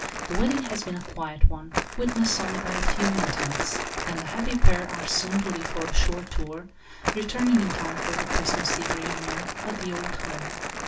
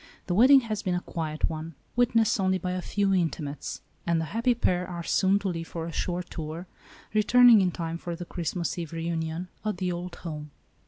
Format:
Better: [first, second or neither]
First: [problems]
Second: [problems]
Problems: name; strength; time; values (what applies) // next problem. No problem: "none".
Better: second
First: background sound (Crumpling, crinkling); 5 dB below the speech // room echo; dies away in 0.2 s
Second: none